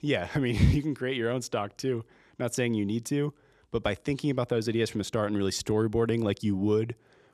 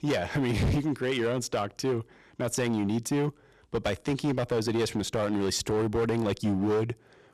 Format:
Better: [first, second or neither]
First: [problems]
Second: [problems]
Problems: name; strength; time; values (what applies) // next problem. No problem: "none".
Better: first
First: none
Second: distortion; heavy; 14% of the sound clipped